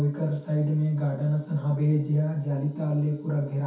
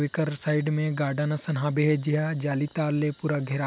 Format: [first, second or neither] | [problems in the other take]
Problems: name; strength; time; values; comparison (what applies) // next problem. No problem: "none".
second | room echo; dies away in 0.6 s